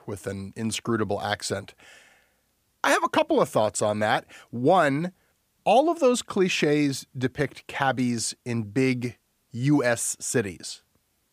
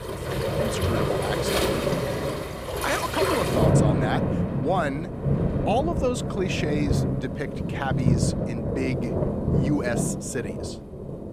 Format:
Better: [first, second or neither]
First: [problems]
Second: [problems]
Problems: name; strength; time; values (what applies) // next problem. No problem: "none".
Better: first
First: none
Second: rain or running water; very loud; throughout; 4 dB above the speech